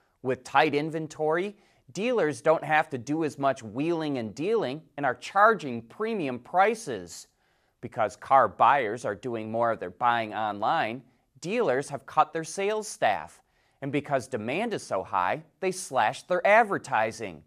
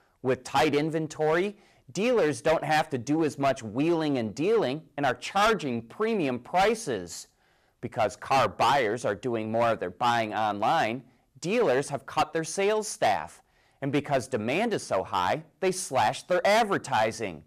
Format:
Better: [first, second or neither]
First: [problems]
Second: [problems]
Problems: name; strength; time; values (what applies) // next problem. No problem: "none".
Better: first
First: none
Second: distortion; heavy; 7% of the sound clipped